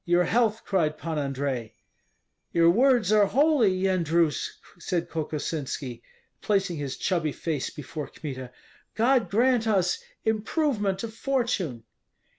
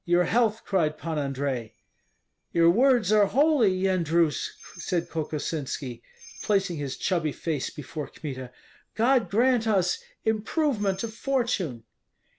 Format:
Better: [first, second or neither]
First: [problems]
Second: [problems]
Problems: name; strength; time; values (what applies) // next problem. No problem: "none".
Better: first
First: none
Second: background sound (Bell); 20 dB below the speech